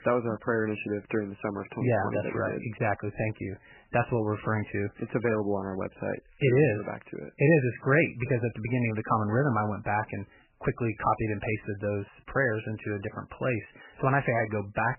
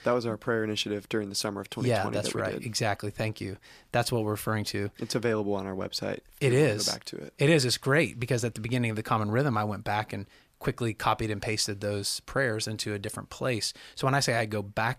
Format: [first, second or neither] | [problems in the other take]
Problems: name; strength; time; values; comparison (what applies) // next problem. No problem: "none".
second | garbled, watery; badly; nothing above 2.5 kHz